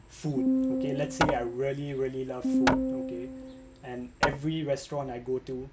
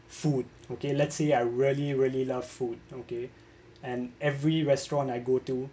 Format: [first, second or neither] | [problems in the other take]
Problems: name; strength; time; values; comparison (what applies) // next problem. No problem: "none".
second | background sound (Piano + Hammer); 2 dB above the speech